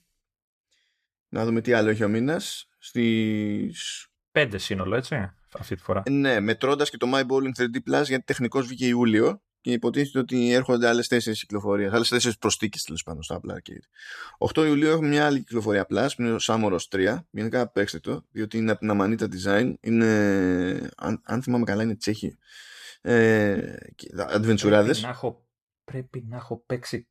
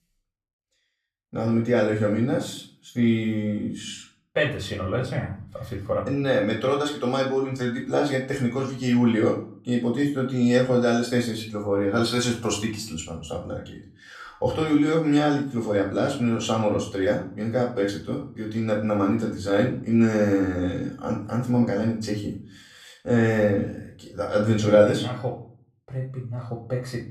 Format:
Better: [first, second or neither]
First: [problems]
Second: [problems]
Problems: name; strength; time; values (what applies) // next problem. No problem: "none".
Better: first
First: none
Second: off-mic speech; far // room echo; slight; dies away in 0.4 s